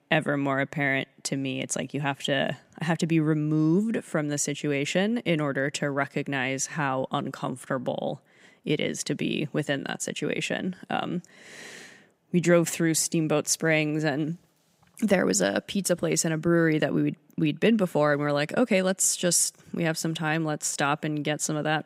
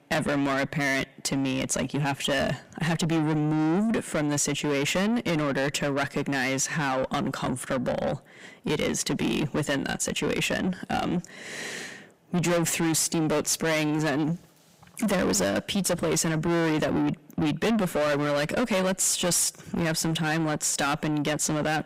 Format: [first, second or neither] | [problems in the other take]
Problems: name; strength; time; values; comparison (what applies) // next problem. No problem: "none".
first | distortion; heavy; 6 dB below the speech